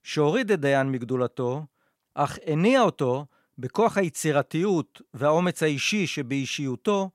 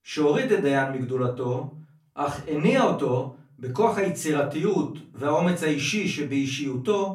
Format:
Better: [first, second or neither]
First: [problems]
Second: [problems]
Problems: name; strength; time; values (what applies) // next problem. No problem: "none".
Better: first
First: none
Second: room echo; slight; dies away in 0.3 s // off-mic speech; far